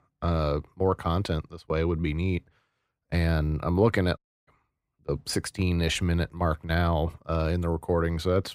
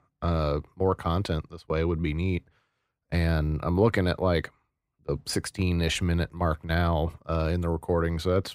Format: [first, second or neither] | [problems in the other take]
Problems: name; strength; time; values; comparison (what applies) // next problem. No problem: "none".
second | audio cutting out; at 4 s